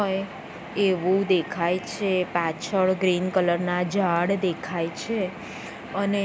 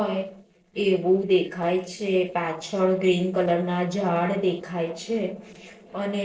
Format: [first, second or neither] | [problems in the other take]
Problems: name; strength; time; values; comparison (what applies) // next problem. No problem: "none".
first | noise reduction (neural separator model SepFormer DNS4)